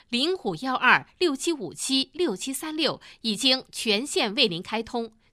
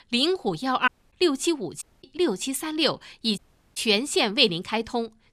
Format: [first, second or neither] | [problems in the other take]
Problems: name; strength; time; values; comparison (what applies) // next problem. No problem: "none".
first | audio cutting out; at 1 s, at 2 s and at 3.5 s